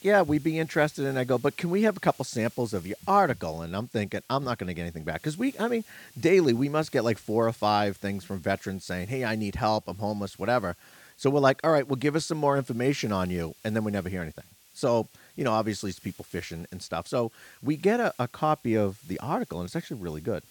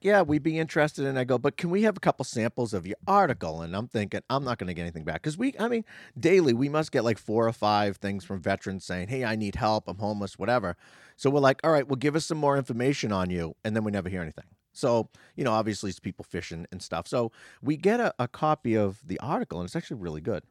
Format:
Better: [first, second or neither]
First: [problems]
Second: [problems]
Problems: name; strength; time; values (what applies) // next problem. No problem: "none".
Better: second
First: hiss; faint; throughout; 25 dB below the speech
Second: none